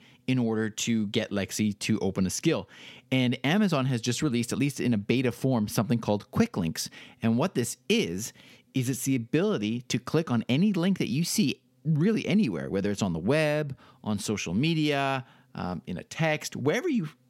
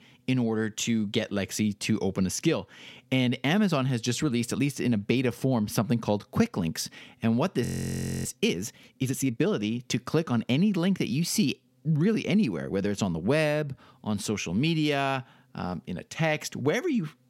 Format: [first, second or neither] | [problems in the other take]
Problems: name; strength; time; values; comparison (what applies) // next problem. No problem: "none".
first | audio freezing; at 7.5 s for 0.5 s